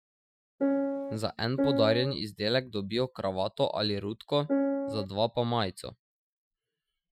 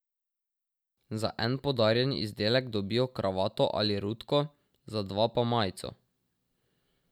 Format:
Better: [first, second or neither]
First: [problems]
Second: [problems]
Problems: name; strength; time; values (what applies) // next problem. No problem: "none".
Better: second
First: noise reduction (classical method Wiener filter)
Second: none